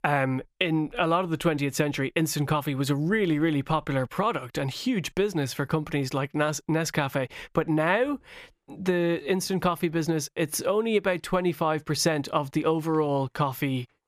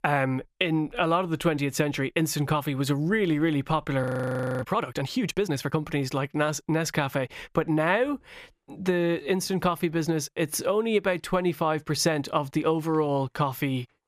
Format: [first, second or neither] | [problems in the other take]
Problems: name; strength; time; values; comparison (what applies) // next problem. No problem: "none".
first | audio freezing; at 4 s for 0.5 s